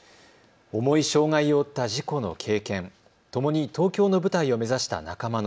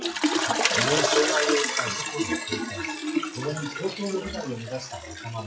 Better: first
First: none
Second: noise reduction (classical method WPE with log-MMSE)

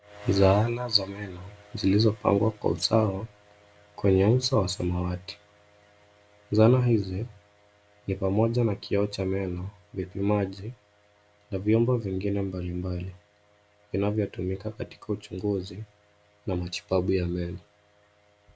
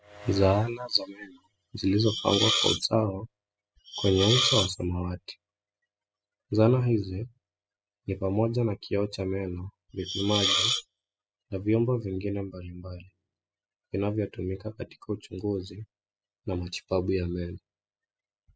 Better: first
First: none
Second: noise reduction (classical method spectral subtraction)

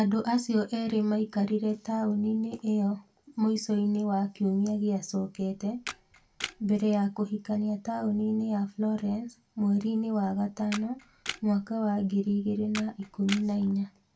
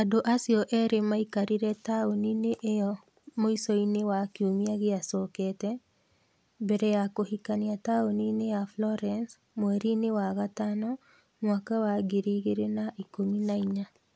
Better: second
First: background sound (Camera); 14 dB below the speech // room echo; dies away in 0.2 s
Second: none

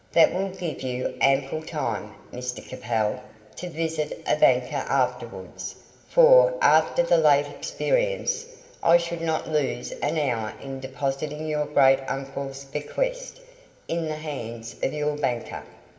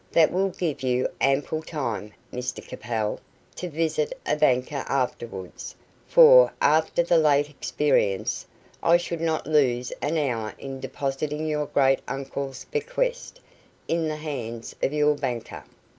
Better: second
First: room echo; dies away in 1.5 s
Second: none

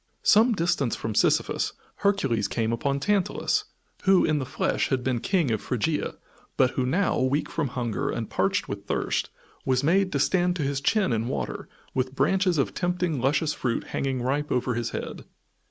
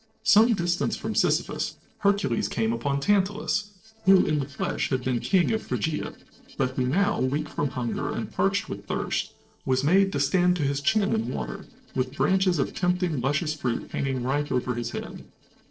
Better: first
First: none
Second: noise reduction (neural separator model SepFormer DNS4)

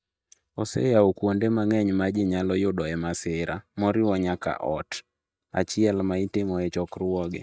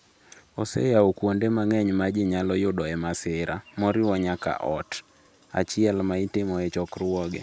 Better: second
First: noise reduction (neural mask model DeepFilterNet 3)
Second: none

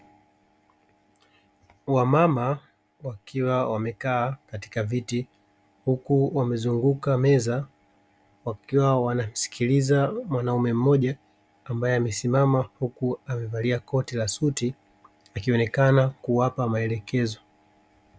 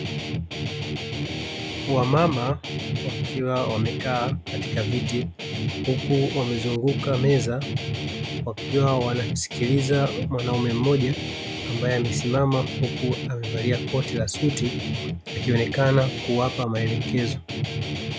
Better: first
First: none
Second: background sound (Guitar); 3 dB below the speech

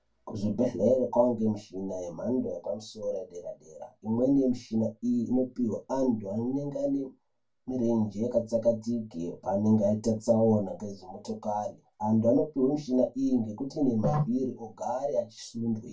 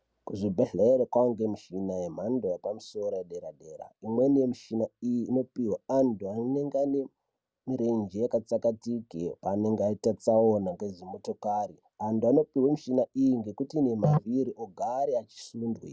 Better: second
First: room echo; dies away in 0.2 s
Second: none

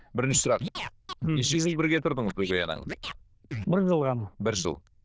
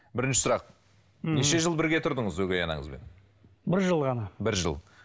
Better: second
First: noise reduction (neural diffusion model UNIVERSE++)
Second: none

